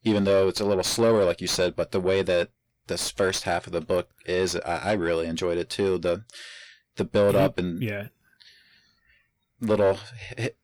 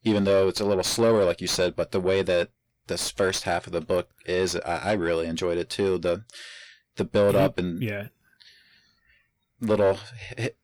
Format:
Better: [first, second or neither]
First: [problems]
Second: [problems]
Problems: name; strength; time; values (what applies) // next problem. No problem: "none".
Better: neither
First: distortion; slight; 10 dB below the speech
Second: distortion; slight; 10 dB below the speech